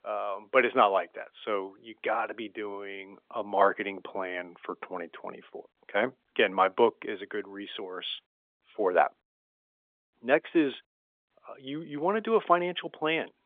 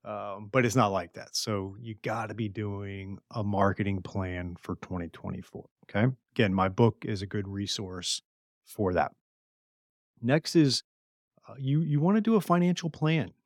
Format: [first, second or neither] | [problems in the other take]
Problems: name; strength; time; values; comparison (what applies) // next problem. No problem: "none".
second | phone-call audio; nothing above 3.5 kHz